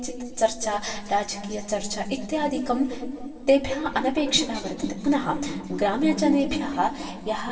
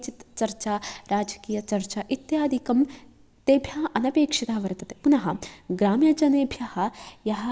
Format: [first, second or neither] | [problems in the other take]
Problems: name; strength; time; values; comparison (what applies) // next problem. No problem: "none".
second | background sound (Whoosh, swoosh, swish); 13 dB below the speech // room echo; dies away in 2.5 s